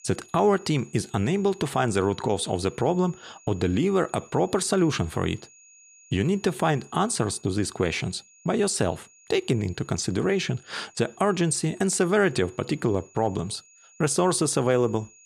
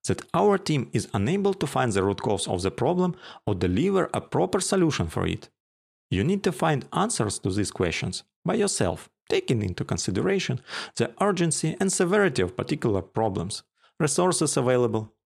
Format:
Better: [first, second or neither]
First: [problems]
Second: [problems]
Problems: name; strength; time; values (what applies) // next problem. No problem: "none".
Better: second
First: high-pitched whine; faint; throughout; 6.5 kHz, 25 dB below the speech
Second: none